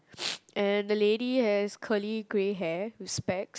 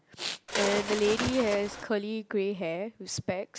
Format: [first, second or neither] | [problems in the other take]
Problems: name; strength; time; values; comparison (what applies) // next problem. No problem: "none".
first | background sound (Bird); 3 dB below the speech